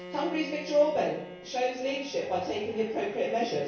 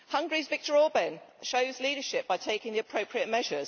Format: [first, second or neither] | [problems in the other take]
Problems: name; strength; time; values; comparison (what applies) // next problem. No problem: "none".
second | background sound (Bowed string instrument); 15 dB below the speech // room echo; dies away in 0.6 s